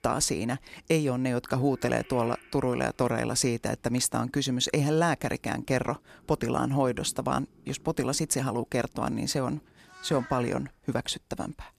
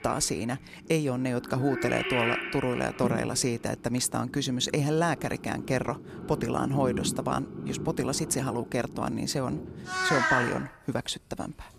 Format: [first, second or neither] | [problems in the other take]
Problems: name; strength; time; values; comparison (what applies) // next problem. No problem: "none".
first | animal sounds; loud; throughout; 4 dB below the speech; faint in the first